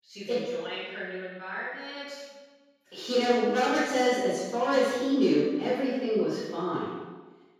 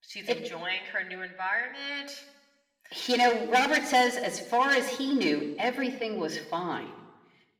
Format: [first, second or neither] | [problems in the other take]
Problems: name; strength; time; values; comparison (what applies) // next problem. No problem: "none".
second | room echo; strong; dies away in 1.2 s; slight in the second // off-mic speech; far; somewhat distant in the second